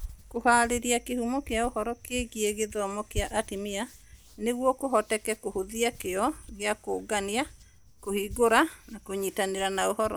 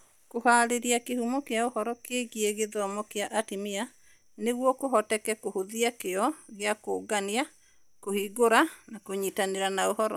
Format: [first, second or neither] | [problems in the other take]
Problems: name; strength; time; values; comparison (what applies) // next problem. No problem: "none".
second | background sound (Hands); 16 dB below the speech